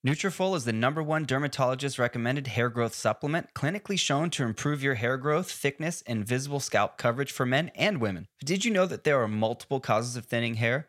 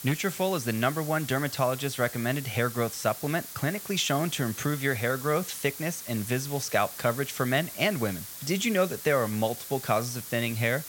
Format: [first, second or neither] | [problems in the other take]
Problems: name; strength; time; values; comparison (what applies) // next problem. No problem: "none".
first | hiss; loud; throughout; 10 dB below the speech